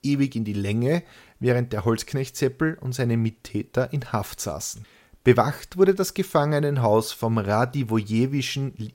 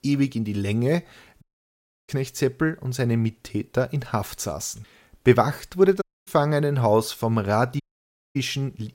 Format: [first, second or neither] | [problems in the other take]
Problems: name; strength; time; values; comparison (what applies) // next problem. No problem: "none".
first | audio cutting out; at 1.5 s for 0.5 s, at 6 s and at 8 s for 0.5 s